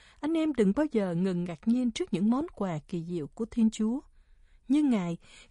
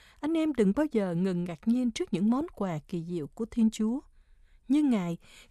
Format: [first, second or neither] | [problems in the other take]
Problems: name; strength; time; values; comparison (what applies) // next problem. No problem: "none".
second | garbled, watery; slightly; nothing above 10.5 kHz